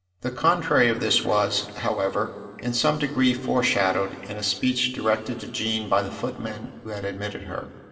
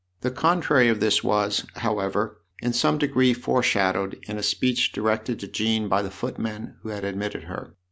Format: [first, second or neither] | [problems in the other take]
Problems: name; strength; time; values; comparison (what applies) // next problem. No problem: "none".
second | room echo; dies away in 2.3 s